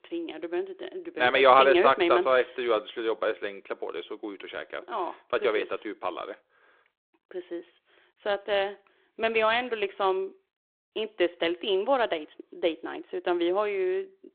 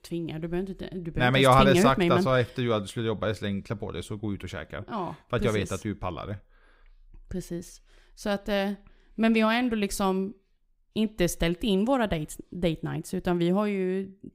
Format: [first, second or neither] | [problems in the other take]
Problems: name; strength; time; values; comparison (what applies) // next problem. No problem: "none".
second | phone-call audio; nothing above 3.5 kHz